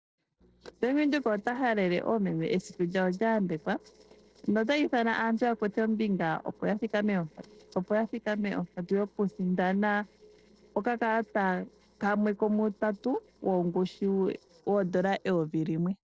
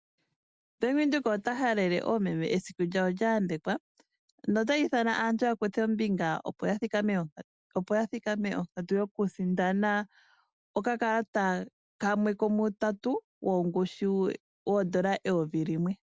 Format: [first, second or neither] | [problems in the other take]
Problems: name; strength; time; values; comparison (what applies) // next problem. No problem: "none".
second | noise reduction (neural separator model SepFormer DNS4)